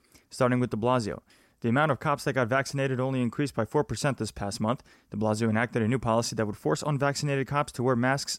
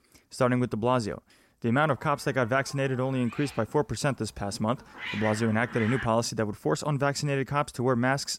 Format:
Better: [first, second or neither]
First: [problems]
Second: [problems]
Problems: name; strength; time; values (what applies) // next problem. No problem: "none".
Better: first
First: none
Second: hiss; noticeable; from 2 to 6 s; 10 dB below the speech